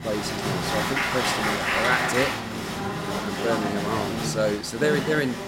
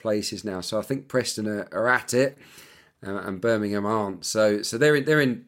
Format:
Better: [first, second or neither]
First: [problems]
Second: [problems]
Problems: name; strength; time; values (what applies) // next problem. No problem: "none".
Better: second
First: crowd noise; very loud; throughout; 1 dB above the speech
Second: none